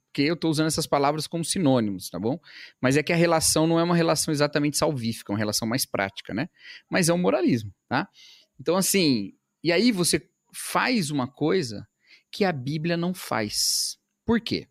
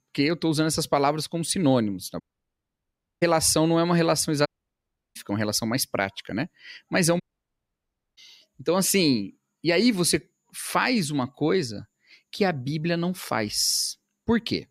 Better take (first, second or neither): first